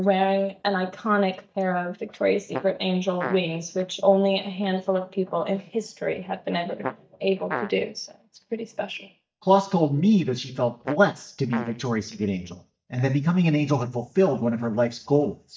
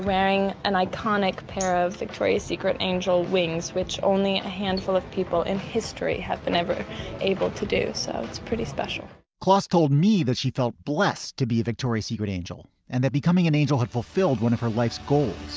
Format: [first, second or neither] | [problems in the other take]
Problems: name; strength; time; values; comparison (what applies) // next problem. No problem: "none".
second | noise reduction (neural mask model DeepFilterNet 3)